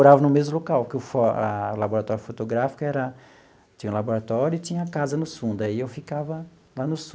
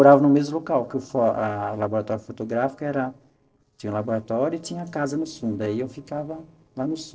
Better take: first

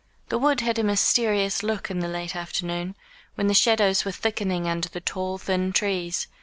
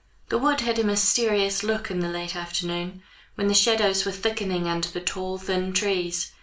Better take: first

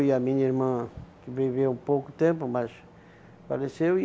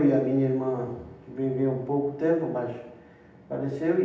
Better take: first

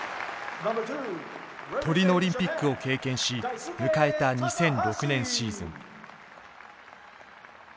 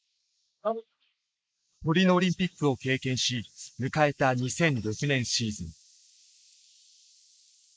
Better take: first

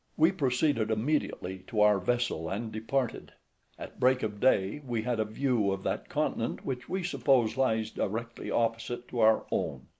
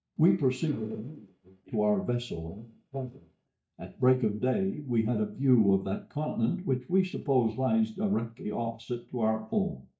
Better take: first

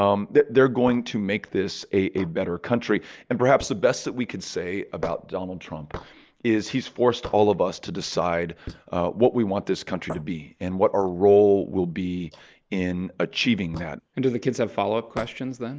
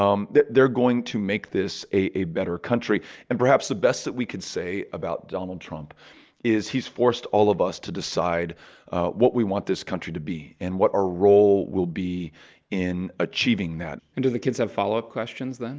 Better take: second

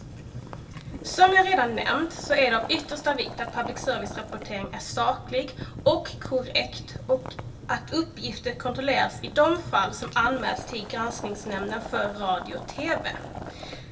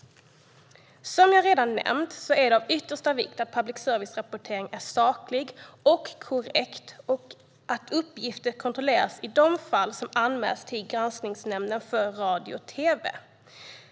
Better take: second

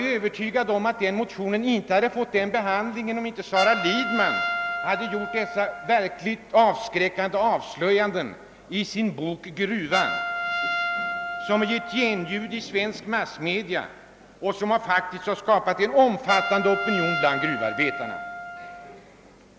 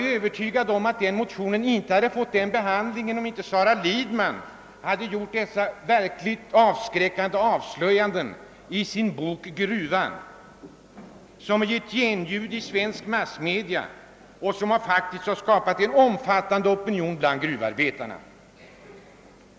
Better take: second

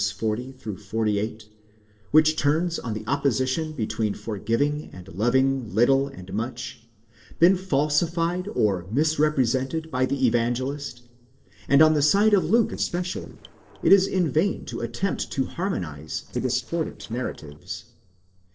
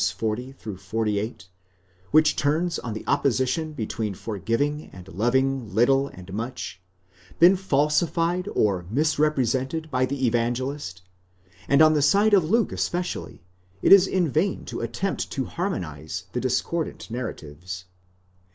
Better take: second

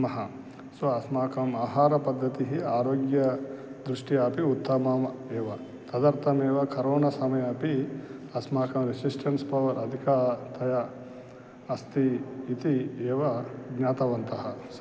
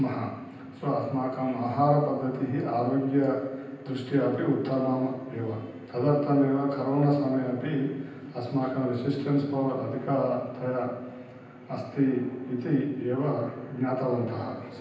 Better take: first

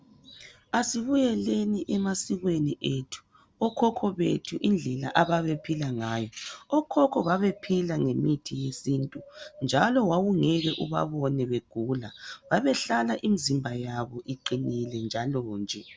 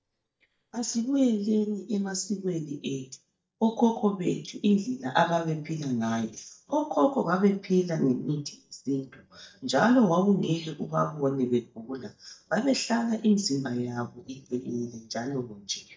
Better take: first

